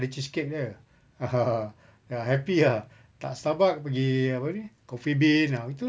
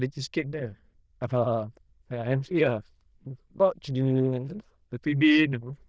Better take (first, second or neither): first